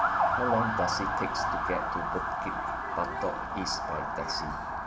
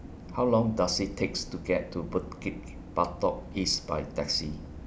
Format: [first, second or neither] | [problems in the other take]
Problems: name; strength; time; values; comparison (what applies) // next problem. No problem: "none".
second | background sound (Motor vehicle (road) / Siren); 5 dB above the speech